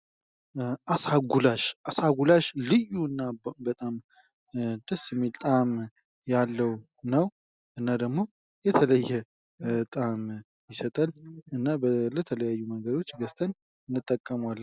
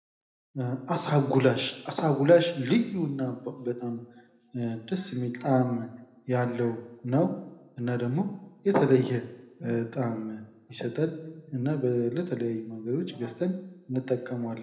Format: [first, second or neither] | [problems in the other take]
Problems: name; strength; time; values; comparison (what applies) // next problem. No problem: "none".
first | room echo; dies away in 0.8 s